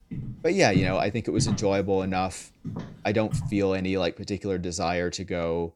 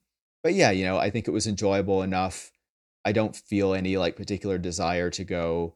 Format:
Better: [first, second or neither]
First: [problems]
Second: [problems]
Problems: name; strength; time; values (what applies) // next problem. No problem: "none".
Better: second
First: footsteps; noticeable; until 3.5 s; peak 3 dB below the speech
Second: none